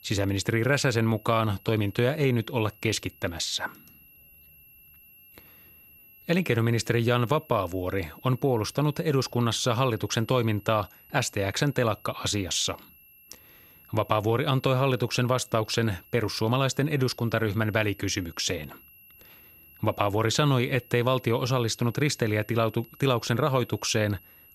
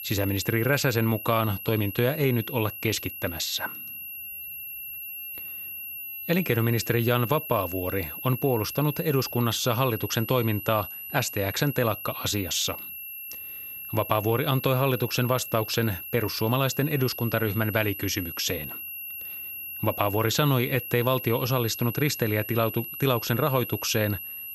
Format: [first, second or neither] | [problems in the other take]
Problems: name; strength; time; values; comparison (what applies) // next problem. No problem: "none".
first | high-pitched whine; loud; throughout; 12 kHz, 8 dB below the speech; faint in the first